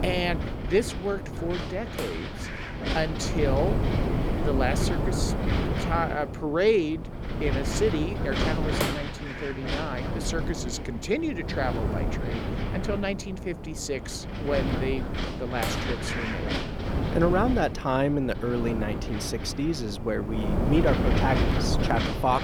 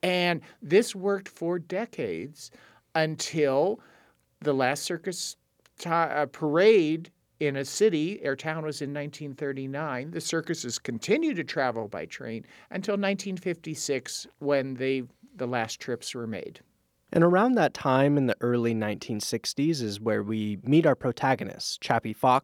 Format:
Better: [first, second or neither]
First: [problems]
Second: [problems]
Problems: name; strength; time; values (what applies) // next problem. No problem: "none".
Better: second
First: wind noise on the microphone; heavy; 3 dB below the speech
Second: none